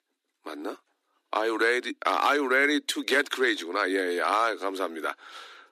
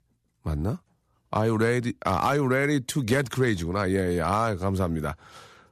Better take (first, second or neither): second